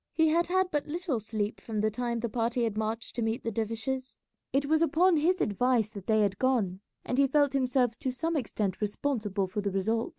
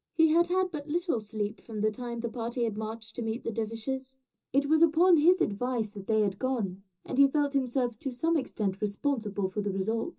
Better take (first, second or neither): first